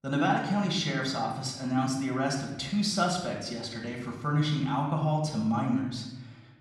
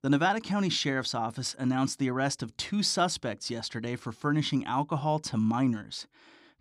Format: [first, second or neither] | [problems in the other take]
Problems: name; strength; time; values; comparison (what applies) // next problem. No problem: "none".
second | off-mic speech; somewhat distant // room echo; noticeable; dies away in 1 s